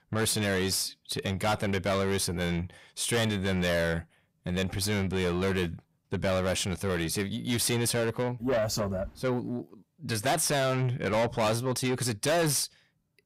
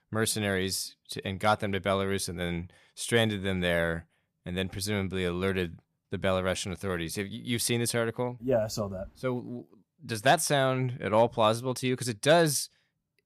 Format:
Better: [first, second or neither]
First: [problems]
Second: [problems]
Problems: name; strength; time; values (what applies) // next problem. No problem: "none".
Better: second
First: distortion; heavy; 6 dB below the speech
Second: none